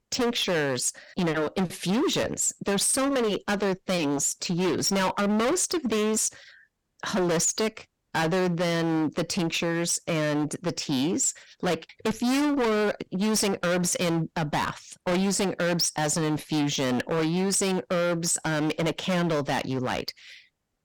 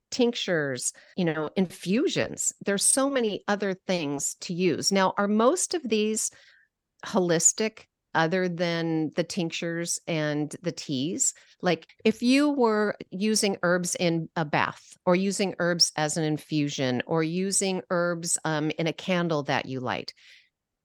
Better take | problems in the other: second | distortion; heavy; 25% of the sound clipped

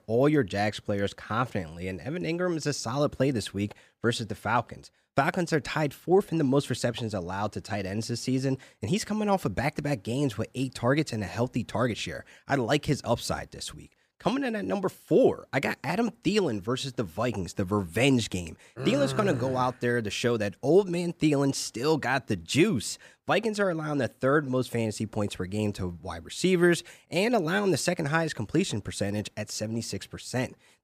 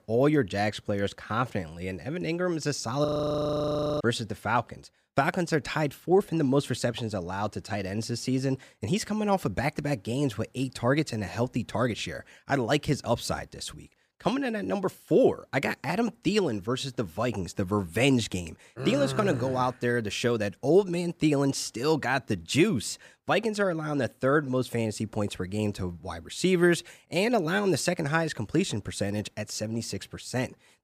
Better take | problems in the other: first | audio freezing; at 3 s for 1 s

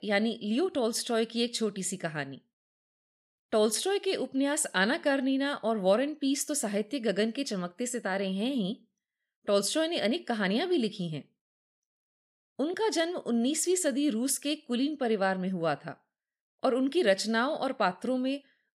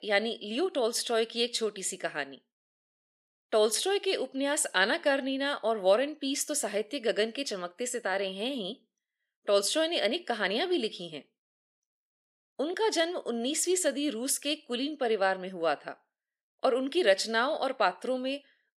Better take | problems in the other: first | thin; very slightly; fading below 400 Hz

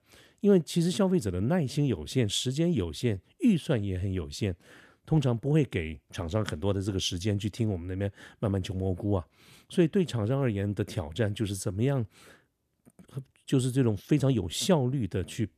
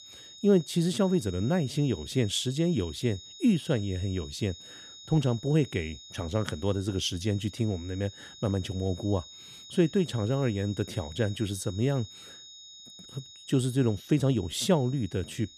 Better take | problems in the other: first | high-pitched whine; noticeable; throughout; 4 kHz, 15 dB below the speech

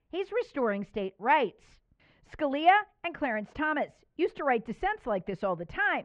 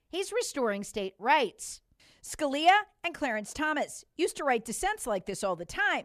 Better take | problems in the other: second | muffled; very; fading above 2.5 kHz

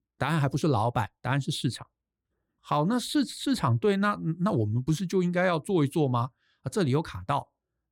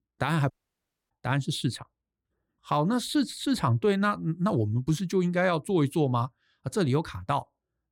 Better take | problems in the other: first | audio cutting out; at 0.5 s for 0.5 s

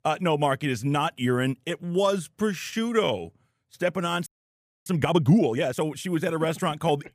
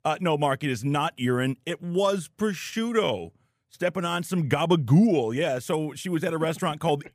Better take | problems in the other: second | audio freezing; at 4.5 s for 0.5 s

